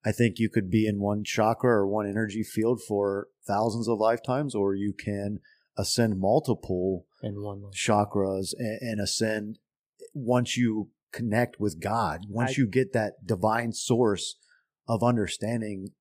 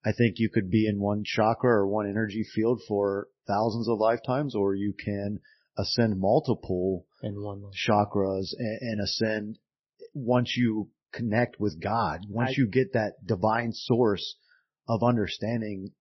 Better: first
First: none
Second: garbled, watery; slightly; nothing above 6 kHz

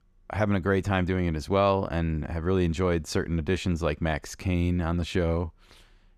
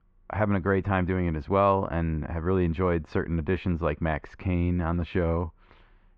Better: first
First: none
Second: muffled; very; fading above 2.5 kHz

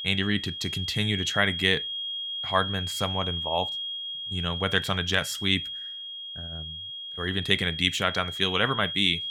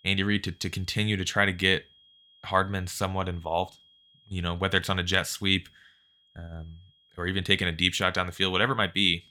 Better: second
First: high-pitched whine; loud; throughout; 3.5 kHz, 5 dB below the speech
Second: high-pitched whine; faint; throughout; 3.5 kHz, 30 dB below the speech

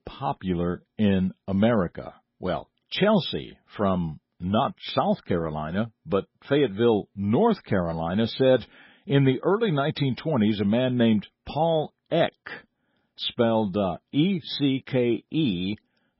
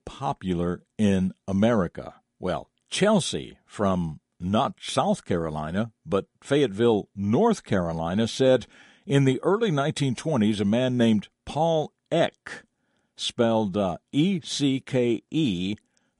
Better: second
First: garbled, watery; badly; nothing above 5.5 kHz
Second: garbled, watery; slightly; nothing above 10.5 kHz

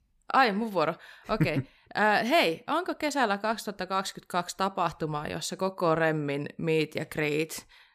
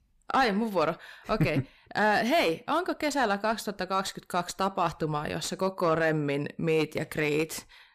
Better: first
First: none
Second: distortion; slight; 10 dB below the speech

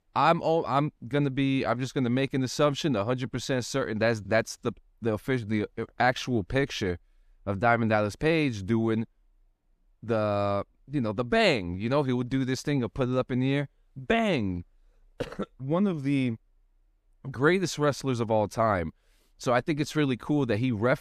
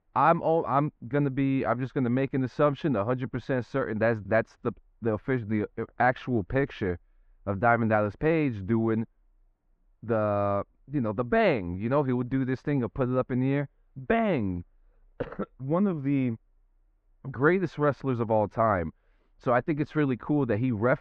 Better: first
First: none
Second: muffled; very; fading above 1.5 kHz

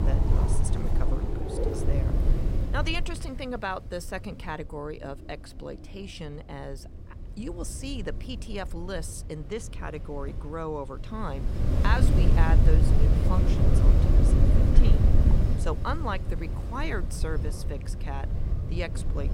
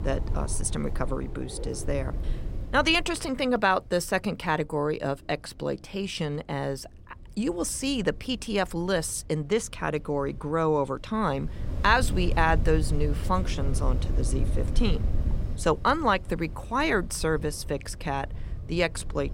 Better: second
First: wind noise on the microphone; heavy; 2 dB below the speech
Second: wind noise on the microphone; occasional gusts; 20 dB below the speech

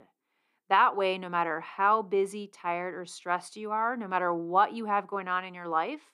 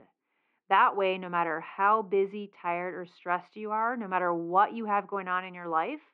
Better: first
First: none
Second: muffled; very; fading above 2.5 kHz

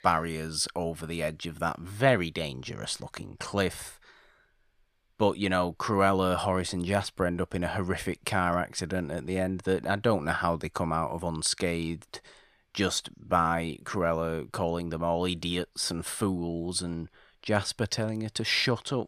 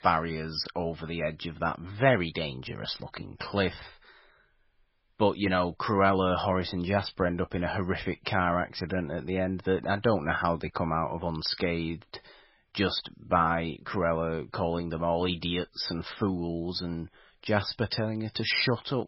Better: first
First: none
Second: garbled, watery; badly; nothing above 5.5 kHz

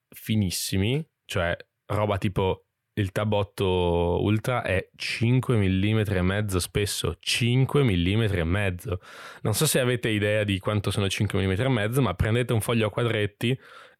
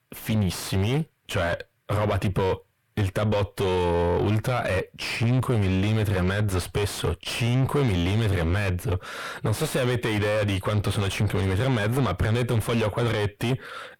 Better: first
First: none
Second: distortion; heavy; 6 dB below the speech

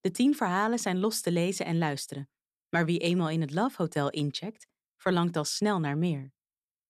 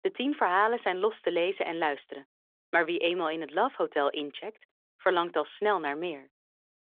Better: first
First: none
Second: phone-call audio; nothing above 3.5 kHz

